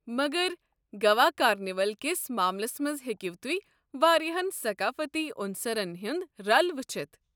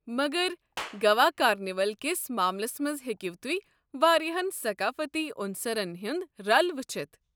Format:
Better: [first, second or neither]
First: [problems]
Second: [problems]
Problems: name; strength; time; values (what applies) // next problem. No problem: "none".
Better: first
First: none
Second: background sound (Clapping); 19 dB below the speech